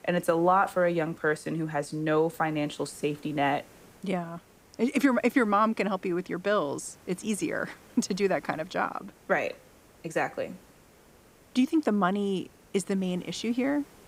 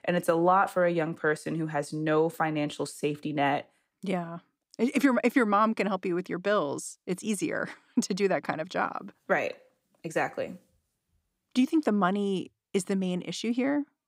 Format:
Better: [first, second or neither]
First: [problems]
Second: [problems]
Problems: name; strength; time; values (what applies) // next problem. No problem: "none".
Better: second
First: hiss; faint; throughout; 25 dB below the speech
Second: none